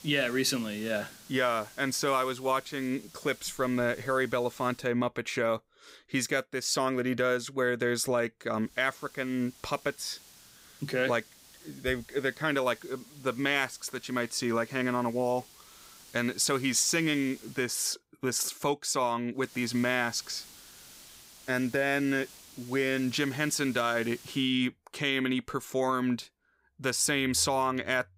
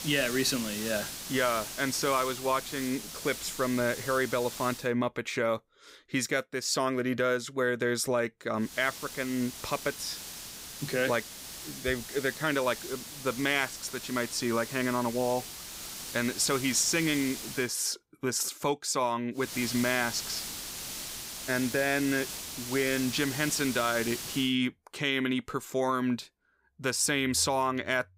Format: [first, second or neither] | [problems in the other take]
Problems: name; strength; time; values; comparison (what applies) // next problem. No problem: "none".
first | hiss; loud; until 5 s, from 8.5 to 18 s and from 19 to 24 s; 8 dB below the speech; faint in the first